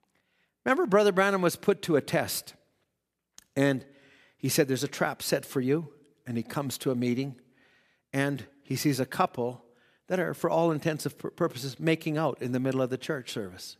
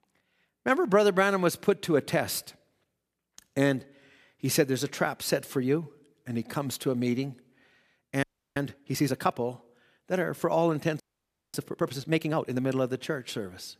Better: first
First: none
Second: audio freezing; at 8 s and at 11 s for 0.5 s

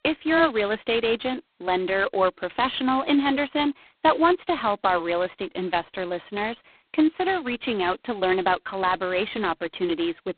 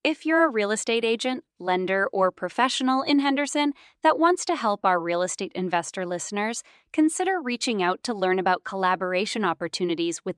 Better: second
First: phone-call audio; poor line; nothing above 4 kHz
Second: none

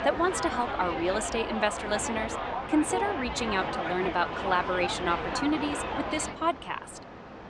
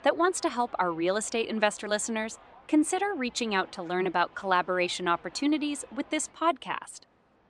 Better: second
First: train or aircraft noise; loud; throughout; 3 dB below the speech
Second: train or aircraft noise; faint; throughout; 25 dB below the speech

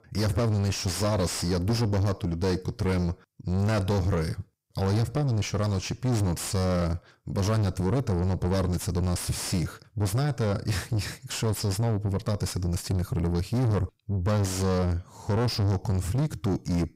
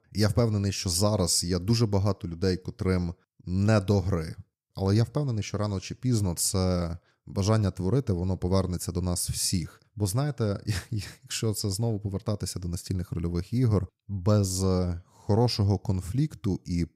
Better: second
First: distortion; heavy; 6 dB below the speech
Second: none

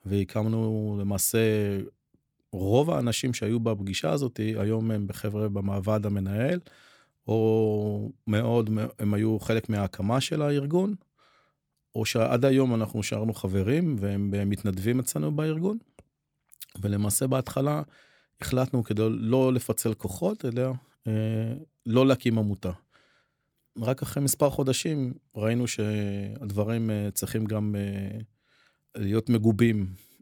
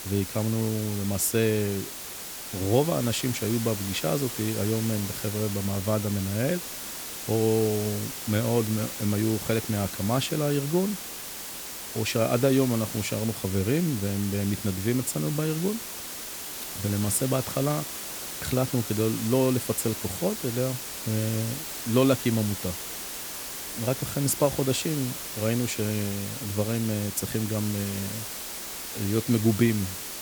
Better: first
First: none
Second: hiss; loud; throughout; 6 dB below the speech

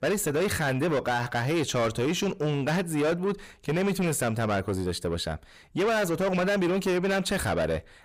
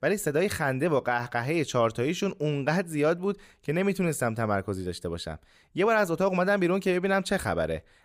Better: second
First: distortion; heavy; 8 dB below the speech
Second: none

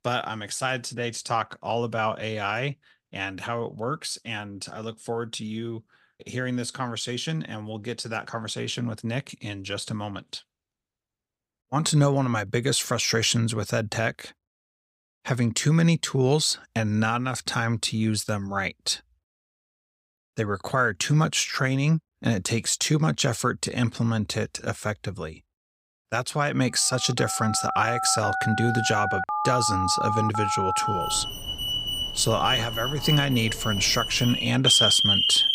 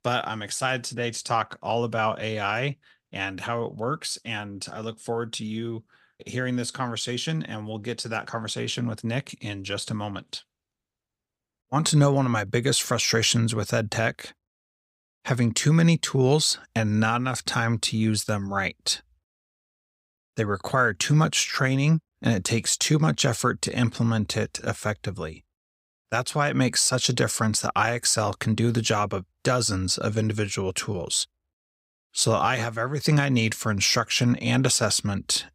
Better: second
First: alarms or sirens; very loud; from 27 s on; 1 dB above the speech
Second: none

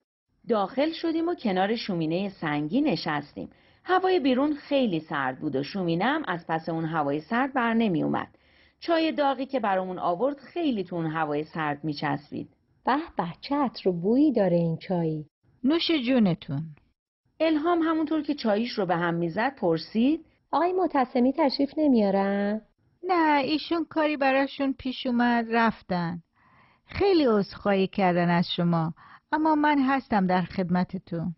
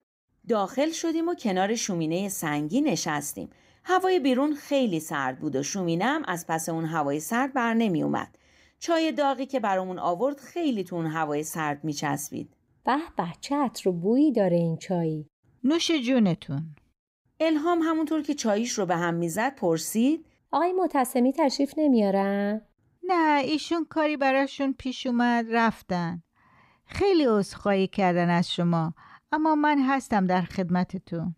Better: second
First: garbled, watery; badly; nothing above 5.5 kHz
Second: none

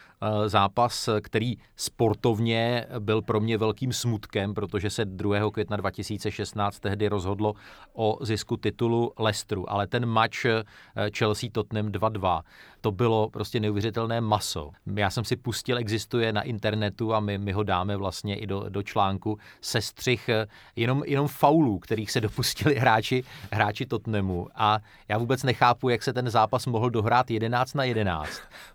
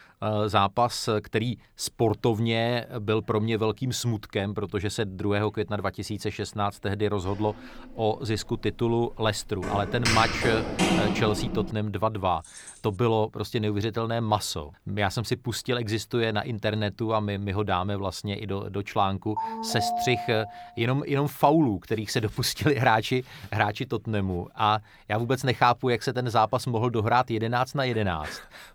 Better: first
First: none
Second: footsteps; loud; from 8 to 12 s; peak 3 dB above the speech // jangling keys; faint; at 12 s; peak 15 dB below the speech // phone ringing; noticeable; from 19 to 21 s; peak 2 dB below the speech

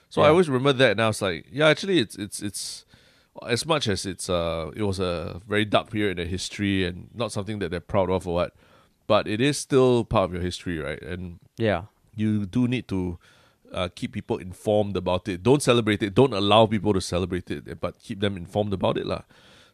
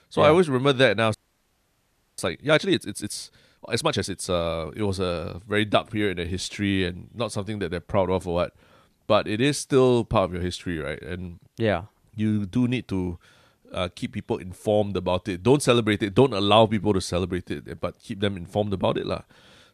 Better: first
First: none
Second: audio freezing; at 1 s for 1 s

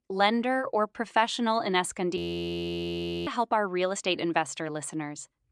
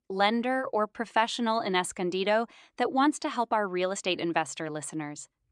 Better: second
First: audio freezing; at 2 s for 1 s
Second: none

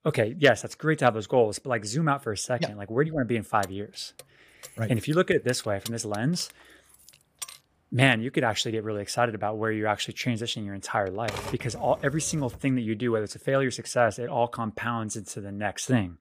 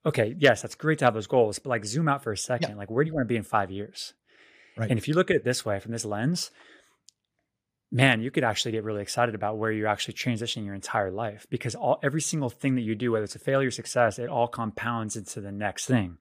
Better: second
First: jangling keys; faint; from 3.5 to 7.5 s; peak 10 dB below the speech // keyboard typing; noticeable; from 11 to 13 s; peak 8 dB below the speech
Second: none

